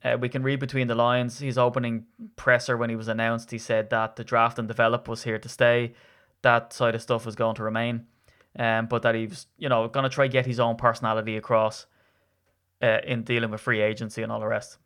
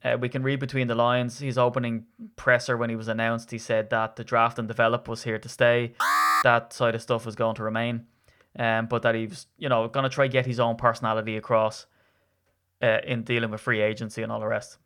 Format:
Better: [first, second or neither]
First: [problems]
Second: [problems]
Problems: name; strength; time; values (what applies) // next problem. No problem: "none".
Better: first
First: none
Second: alarm; loud; at 6 s; peak 5 dB above the speech